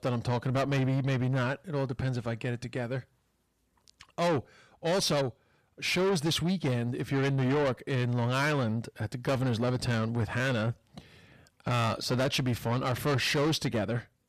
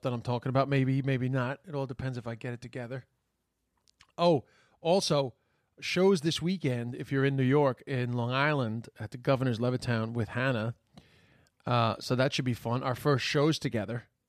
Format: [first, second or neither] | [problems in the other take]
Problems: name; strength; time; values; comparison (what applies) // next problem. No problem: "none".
second | distortion; heavy; 7 dB below the speech